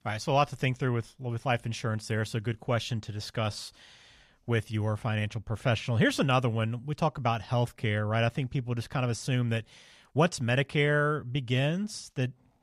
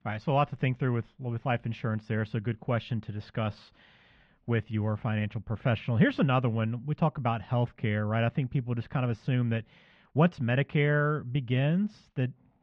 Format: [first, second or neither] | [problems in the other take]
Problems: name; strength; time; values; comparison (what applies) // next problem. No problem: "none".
first | muffled; very; fading above 3 kHz